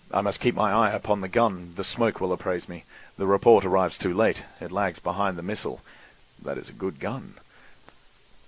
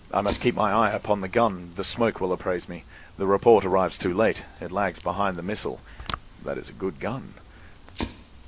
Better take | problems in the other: first | background sound (Fire); 16 dB below the speech

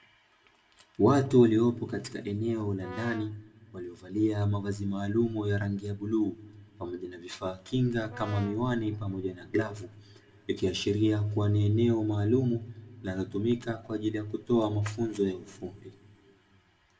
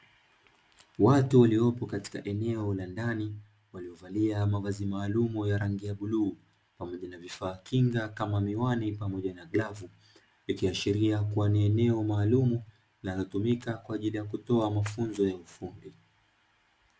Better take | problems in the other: second | background sound (Brass instrument); 16 dB below the speech // room echo; dies away in 1.2 s

